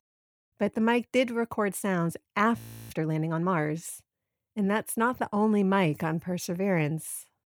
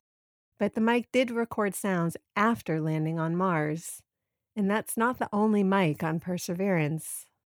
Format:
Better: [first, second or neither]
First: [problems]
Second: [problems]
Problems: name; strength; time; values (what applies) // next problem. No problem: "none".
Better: second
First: audio freezing; at 2.5 s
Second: none